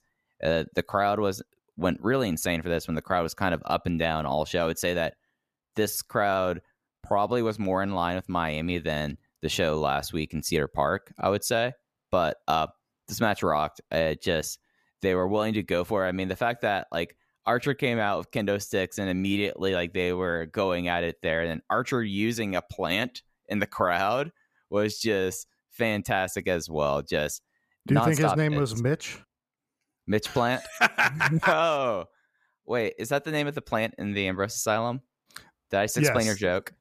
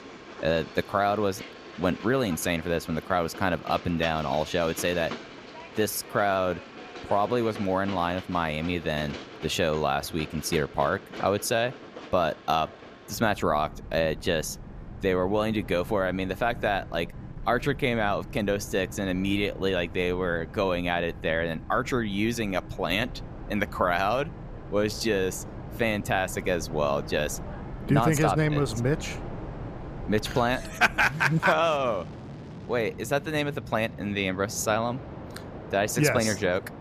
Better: first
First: none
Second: train or aircraft noise; noticeable; throughout; 15 dB below the speech

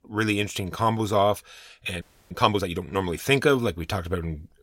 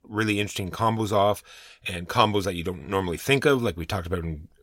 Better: second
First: audio freezing; at 2 s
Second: none

